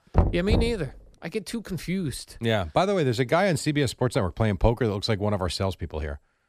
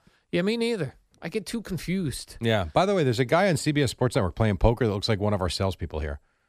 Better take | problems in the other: second | door banging; loud; at the start; peak 2 dB above the speech

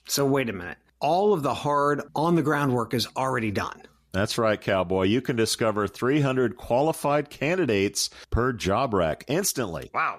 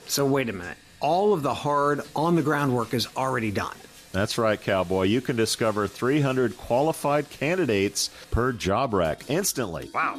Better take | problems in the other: first | household noises; faint; throughout; 25 dB below the speech

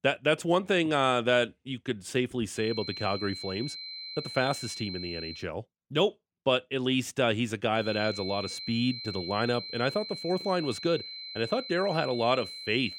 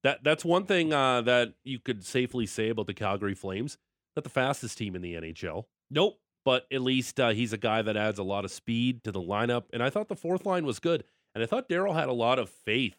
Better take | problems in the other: second | high-pitched whine; loud; from 2.5 to 5.5 s and from 8 s on; 4 kHz, 9 dB below the speech

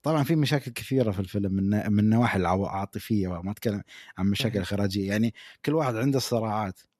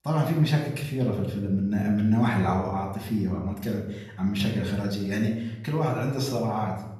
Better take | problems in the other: first | off-mic speech; far // room echo; noticeable; dies away in 0.7 s

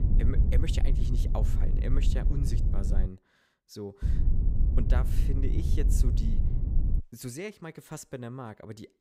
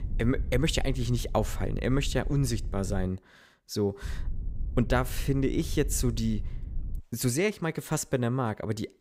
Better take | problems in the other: second | low rumble; loud; until 3 s and from 4 to 7 s; 3 dB below the speech; faint in the second

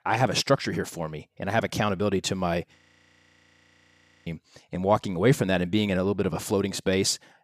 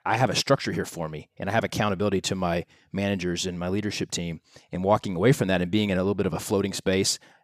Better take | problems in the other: second | audio freezing; at 3 s for 1.5 s

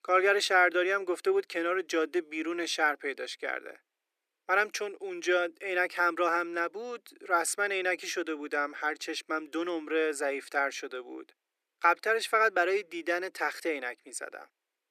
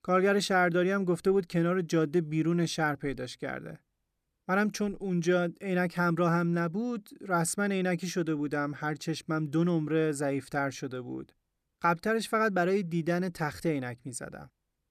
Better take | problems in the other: second | thin; very; fading below 350 Hz

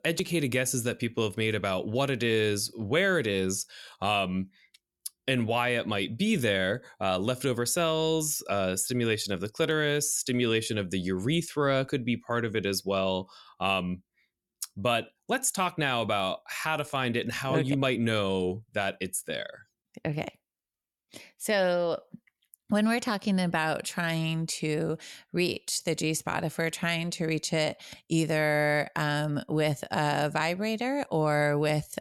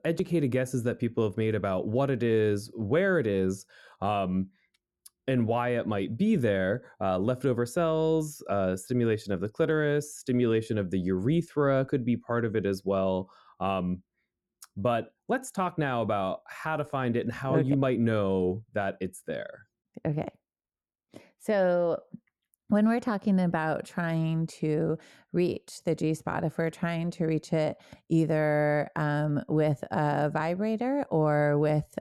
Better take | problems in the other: first | muffled; slightly; fading above 1 kHz

